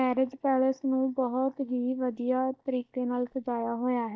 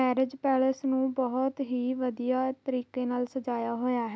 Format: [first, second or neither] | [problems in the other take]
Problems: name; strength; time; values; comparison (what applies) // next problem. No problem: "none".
second | noise reduction (neural mask model DeepFilterNet 3)